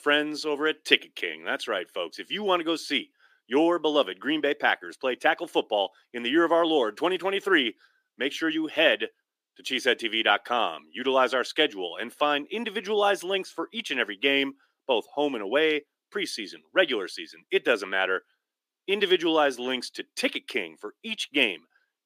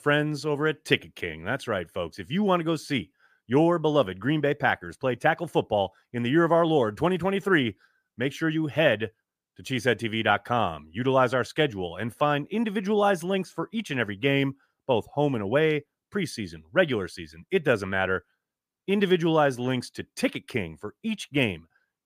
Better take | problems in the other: second | thin; very slightly; fading below 300 Hz

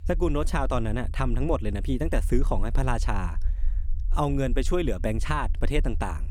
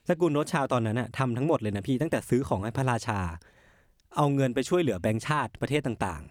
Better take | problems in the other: second | low rumble; faint; throughout; 25 dB below the speech

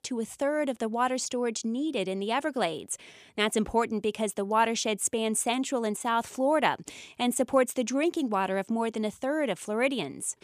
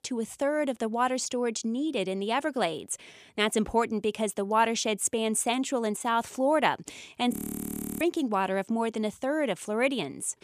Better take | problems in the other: first | audio freezing; at 7.5 s for 0.5 s

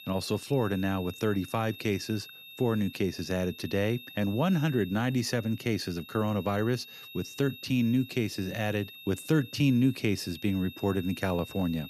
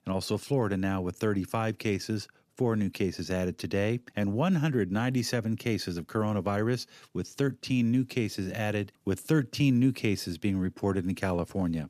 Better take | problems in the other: second | high-pitched whine; noticeable; throughout; 3.5 kHz, 15 dB below the speech

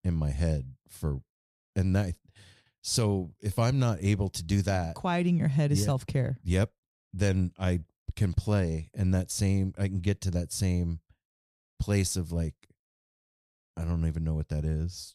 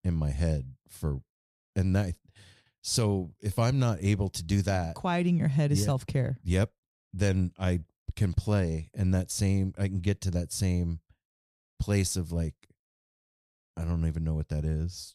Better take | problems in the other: neither | none

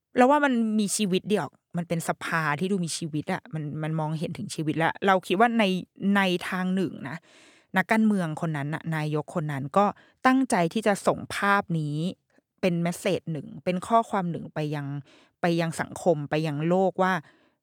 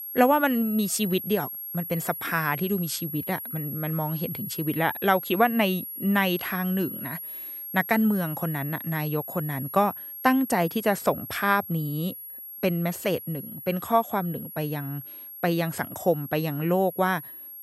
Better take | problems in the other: first | high-pitched whine; loud; throughout; 11.5 kHz, 9 dB below the speech

